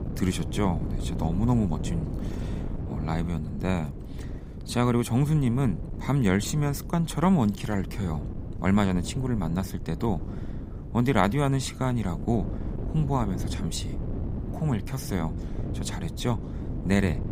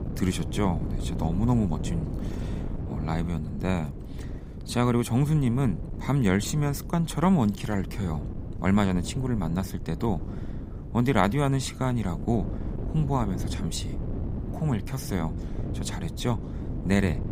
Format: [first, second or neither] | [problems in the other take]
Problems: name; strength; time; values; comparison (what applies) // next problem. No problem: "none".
neither | wind noise on the microphone; occasional gusts; 10 dB below the speech; the same in both